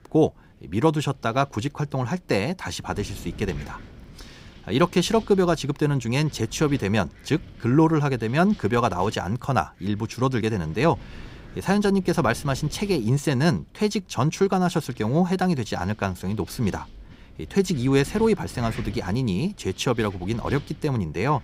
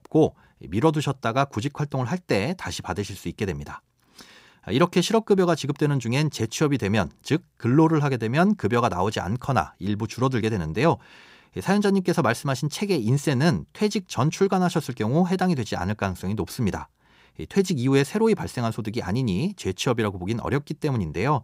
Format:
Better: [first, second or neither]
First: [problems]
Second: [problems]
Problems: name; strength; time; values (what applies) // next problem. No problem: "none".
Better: second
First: wind noise on the microphone; occasional gusts; 20 dB below the speech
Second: none